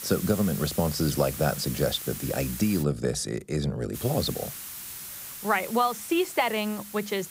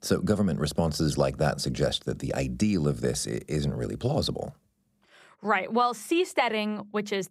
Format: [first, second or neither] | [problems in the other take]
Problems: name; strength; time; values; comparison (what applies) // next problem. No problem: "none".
second | hiss; loud; until 3 s and from 4 s on; 9 dB below the speech